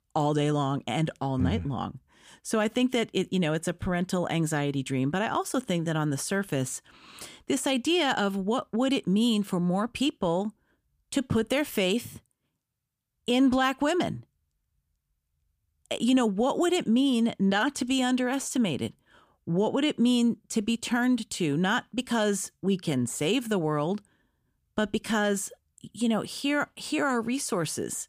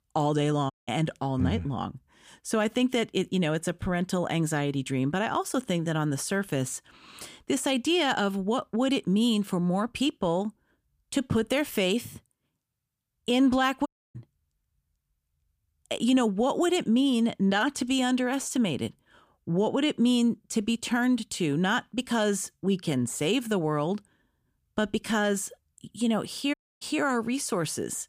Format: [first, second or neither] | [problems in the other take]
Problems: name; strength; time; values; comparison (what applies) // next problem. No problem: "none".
first | audio cutting out; at 0.5 s, at 14 s and at 27 s